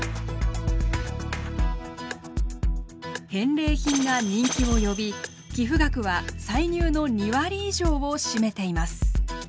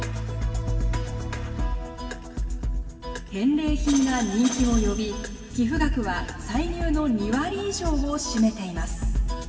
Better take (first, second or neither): first